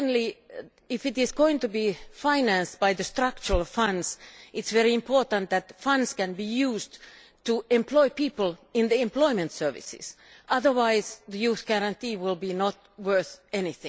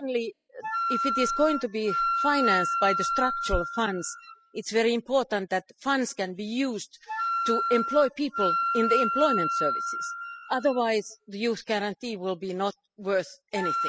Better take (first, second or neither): first